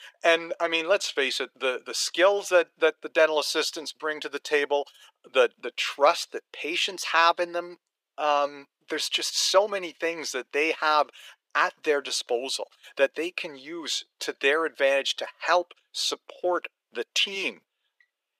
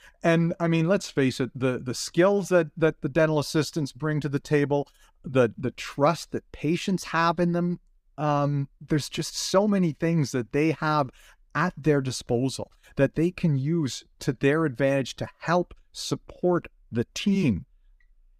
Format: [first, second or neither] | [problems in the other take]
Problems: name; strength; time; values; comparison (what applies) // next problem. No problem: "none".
second | thin; very; fading below 450 Hz